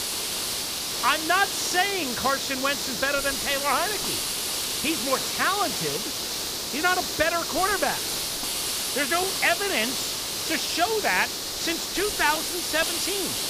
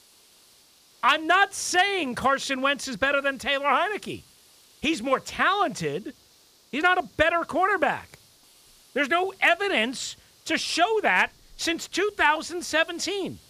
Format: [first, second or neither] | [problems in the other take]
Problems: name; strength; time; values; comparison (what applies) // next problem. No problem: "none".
second | hiss; loud; throughout; as loud as the speech; faint in the second